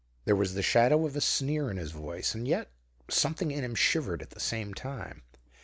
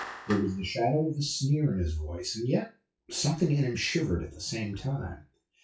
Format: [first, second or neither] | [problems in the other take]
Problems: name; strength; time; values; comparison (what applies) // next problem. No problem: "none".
first | noise reduction (classical method WPE with log-MMSE)